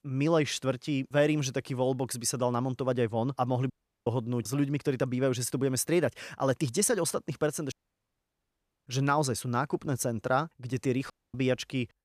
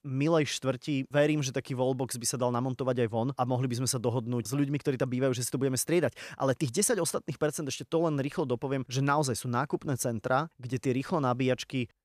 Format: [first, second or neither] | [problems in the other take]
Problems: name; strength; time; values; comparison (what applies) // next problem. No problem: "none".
second | audio cutting out; at 3.5 s, at 7.5 s for 1 s and at 11 s